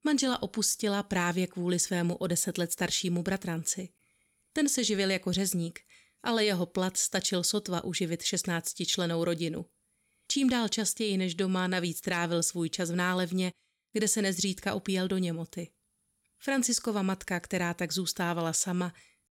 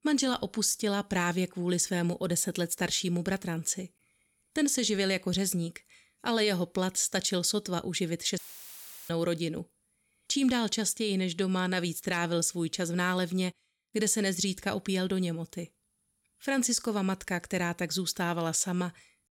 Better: first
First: none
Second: audio cutting out; filled with static; at 8.5 s for 0.5 s

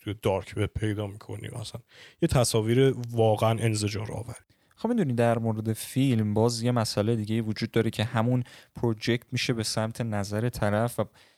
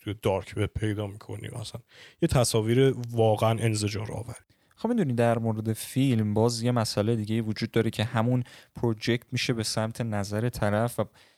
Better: neither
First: none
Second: none

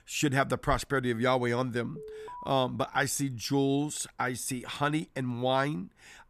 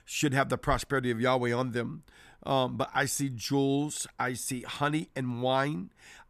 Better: second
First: alarm; faint; at 2 s; peak 15 dB below the speech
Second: none

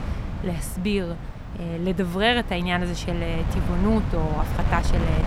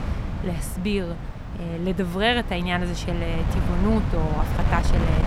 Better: first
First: wind noise on the microphone; occasional gusts; 10 dB below the speech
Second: wind noise on the microphone; heavy; 8 dB below the speech

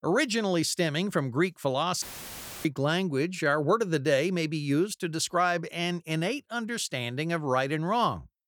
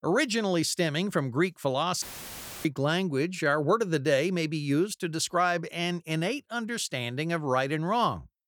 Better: neither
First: audio cutting out; filled with static; at 2 s for 0.5 s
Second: audio cutting out; filled with static; at 2 s for 0.5 s

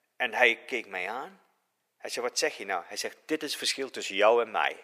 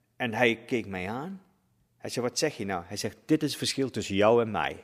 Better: second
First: thin; very; fading below 600 Hz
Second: none

